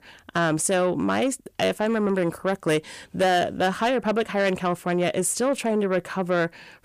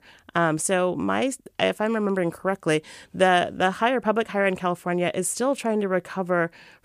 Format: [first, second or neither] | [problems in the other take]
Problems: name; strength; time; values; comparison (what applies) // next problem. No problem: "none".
second | distortion; slight; 10 dB below the speech